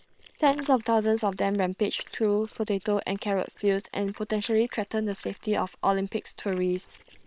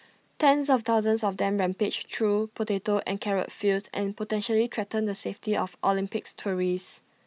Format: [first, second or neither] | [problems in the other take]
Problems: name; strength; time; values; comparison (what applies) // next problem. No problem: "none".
second | noise reduction (neural separator model SepFormer WHAM!)